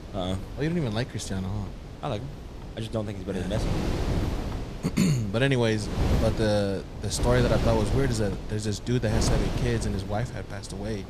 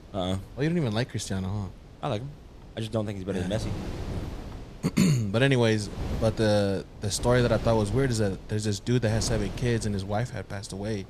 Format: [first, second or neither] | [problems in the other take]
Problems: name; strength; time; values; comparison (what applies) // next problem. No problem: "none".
second | wind noise on the microphone; heavy; 7 dB below the speech; occasional gusts in the second